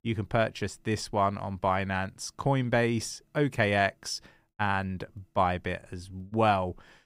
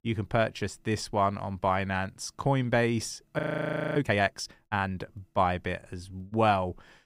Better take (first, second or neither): first